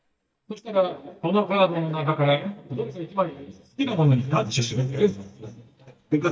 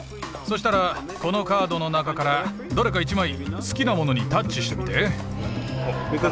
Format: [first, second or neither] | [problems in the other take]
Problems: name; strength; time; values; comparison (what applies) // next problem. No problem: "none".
second | noise reduction (neural mask model DeepFilterNet 3)